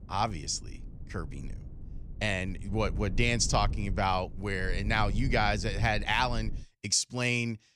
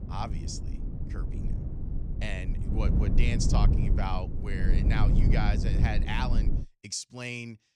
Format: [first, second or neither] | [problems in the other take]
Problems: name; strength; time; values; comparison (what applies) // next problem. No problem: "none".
first | low rumble; loud; until 6.5 s; 6 dB below the speech; faint in the first